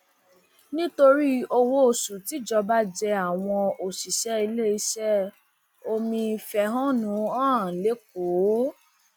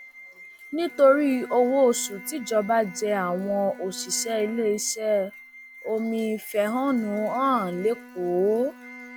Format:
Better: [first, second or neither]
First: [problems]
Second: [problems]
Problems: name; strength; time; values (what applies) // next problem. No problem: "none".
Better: first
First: none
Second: background sound (Bowed string instrument + Wind instrument, woodwind instrument); 18 dB below the speech